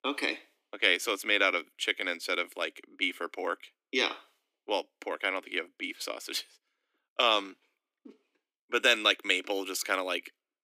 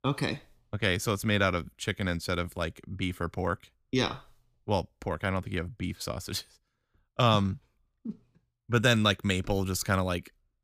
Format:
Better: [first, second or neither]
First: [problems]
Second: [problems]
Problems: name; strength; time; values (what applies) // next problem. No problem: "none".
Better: second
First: thin; somewhat; fading below 300 Hz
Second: none